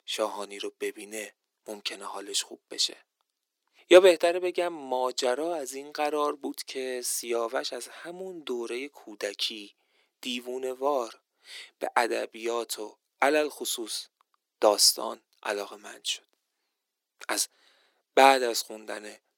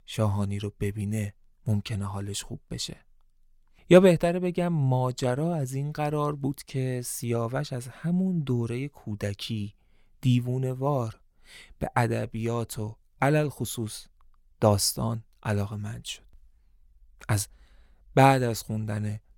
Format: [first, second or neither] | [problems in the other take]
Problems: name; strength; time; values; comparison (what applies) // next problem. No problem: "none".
second | thin; very; fading below 300 Hz